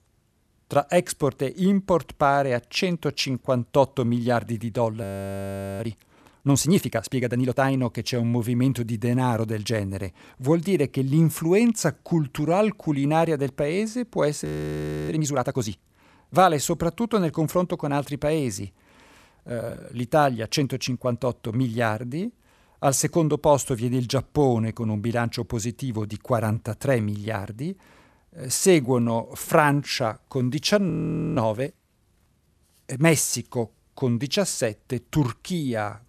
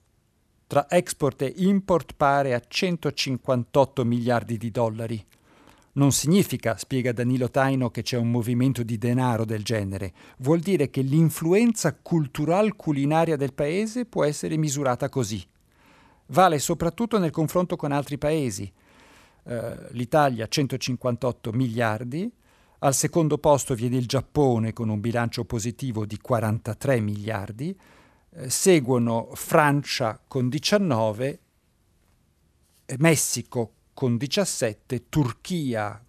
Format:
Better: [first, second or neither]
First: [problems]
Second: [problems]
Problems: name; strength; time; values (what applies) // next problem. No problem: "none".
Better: second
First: audio freezing; at 5 s for 1 s, at 14 s for 0.5 s and at 31 s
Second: none